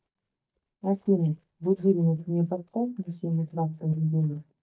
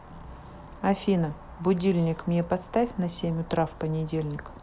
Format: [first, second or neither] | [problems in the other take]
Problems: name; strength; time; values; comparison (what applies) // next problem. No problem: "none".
second | noise reduction (neural mask model DeepFilterNet 3)